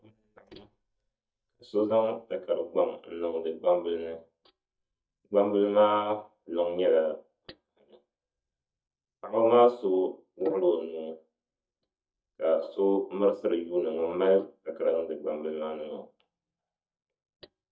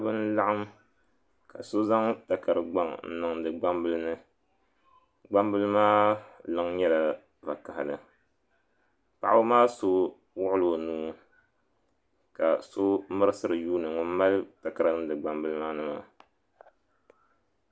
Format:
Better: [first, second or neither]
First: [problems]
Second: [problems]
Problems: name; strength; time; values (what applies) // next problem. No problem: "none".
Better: second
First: noise reduction (neural mask model DeepFilterNet 3)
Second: none